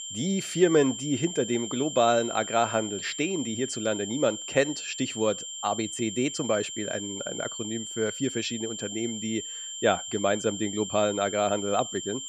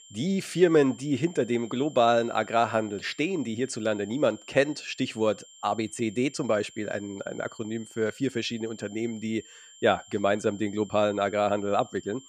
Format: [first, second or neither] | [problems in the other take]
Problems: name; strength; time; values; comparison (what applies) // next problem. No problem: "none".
second | high-pitched whine; loud; throughout; 3 kHz, 7 dB below the speech; faint in the second